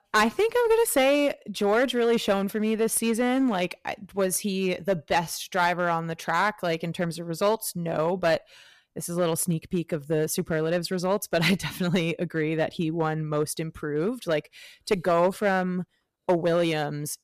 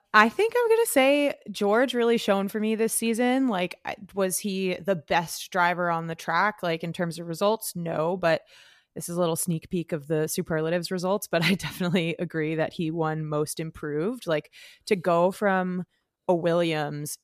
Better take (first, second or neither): second